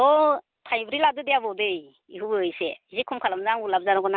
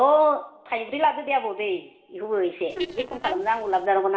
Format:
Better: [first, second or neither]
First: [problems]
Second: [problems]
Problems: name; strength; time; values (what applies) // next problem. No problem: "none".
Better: first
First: none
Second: noise reduction (neural separator model SepFormer DNS4)